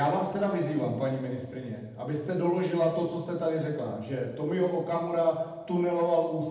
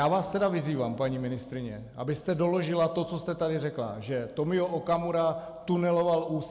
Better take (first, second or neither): second